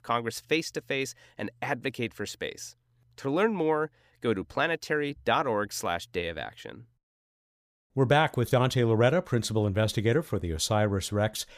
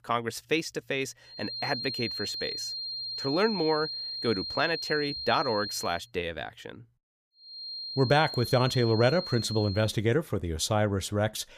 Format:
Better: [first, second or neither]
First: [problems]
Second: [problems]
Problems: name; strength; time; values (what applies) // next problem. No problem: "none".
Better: first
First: none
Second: high-pitched whine; loud; from 1.5 to 6 s and from 7.5 to 10 s; 4 kHz, 5 dB below the speech